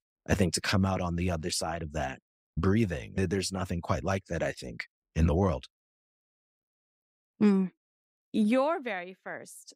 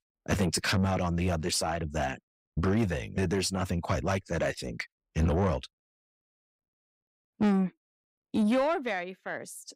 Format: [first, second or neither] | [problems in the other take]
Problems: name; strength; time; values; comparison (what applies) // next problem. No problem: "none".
first | distortion; slight; 10 dB below the speech